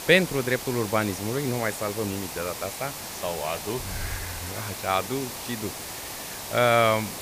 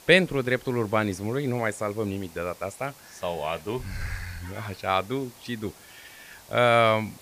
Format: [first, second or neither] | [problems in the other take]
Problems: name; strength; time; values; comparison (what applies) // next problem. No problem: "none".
second | hiss; loud; throughout; 7 dB below the speech; faint in the second